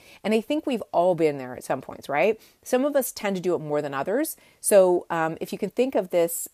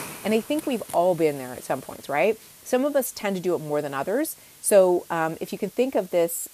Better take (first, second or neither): first